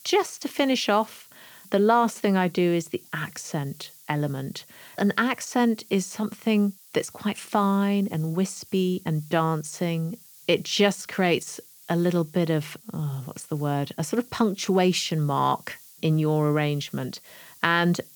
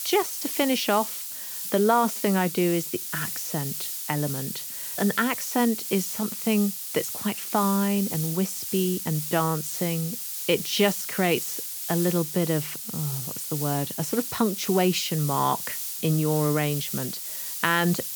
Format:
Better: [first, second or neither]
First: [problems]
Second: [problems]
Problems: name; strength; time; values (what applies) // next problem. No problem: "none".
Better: first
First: hiss; faint; throughout; 20 dB below the speech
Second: hiss; loud; throughout; 4 dB below the speech